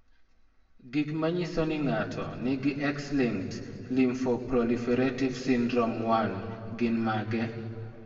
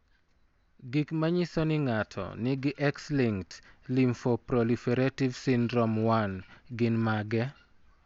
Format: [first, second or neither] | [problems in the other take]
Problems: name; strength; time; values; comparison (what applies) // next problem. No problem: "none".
second | room echo; dies away in 1.7 s